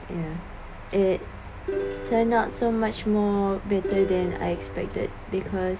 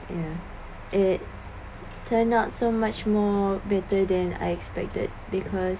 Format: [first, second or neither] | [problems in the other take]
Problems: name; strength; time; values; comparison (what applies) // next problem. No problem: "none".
second | background sound (Plucked string instrument); 8 dB below the speech